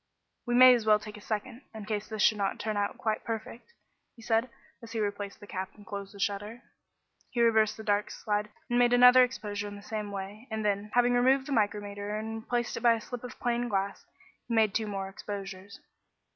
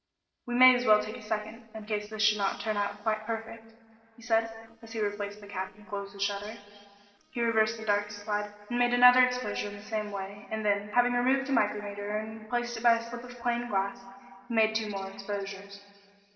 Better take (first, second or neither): first